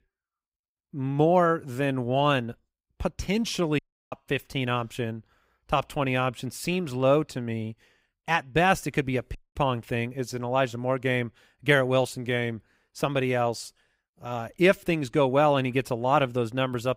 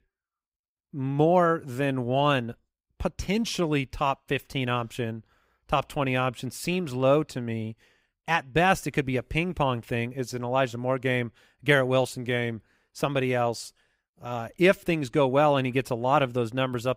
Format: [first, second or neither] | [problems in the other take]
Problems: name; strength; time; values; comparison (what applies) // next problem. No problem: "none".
second | audio cutting out; at 4 s and at 9.5 s